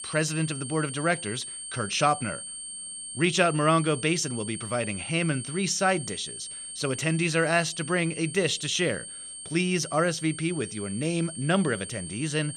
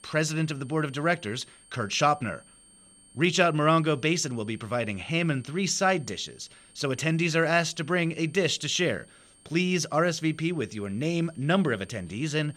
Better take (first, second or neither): second